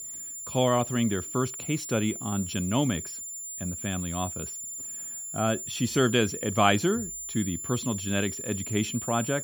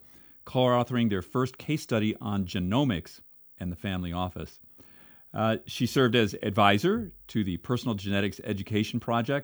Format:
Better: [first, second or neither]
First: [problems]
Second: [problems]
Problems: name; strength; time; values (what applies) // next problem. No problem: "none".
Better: second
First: high-pitched whine; loud; throughout; 7 kHz, 7 dB below the speech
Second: none